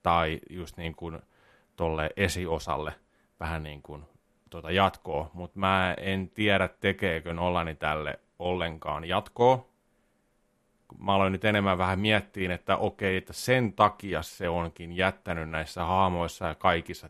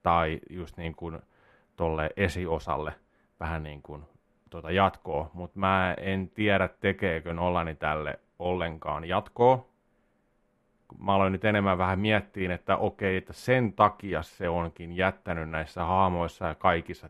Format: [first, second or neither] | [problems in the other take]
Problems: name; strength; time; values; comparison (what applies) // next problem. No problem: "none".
first | muffled; slightly; fading above 3 kHz